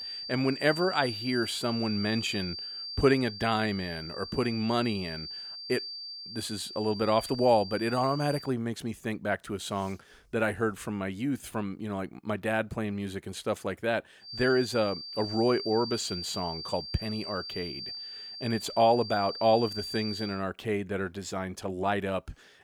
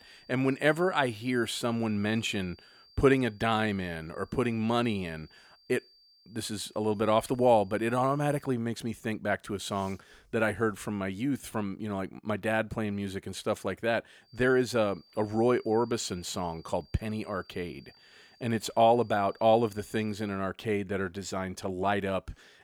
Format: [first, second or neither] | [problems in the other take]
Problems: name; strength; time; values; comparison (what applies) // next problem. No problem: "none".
second | high-pitched whine; loud; until 8.5 s and from 14 to 20 s; 4.5 kHz, 7 dB below the speech; faint in the second